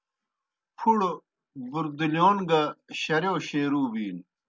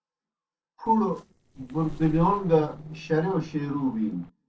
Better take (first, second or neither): first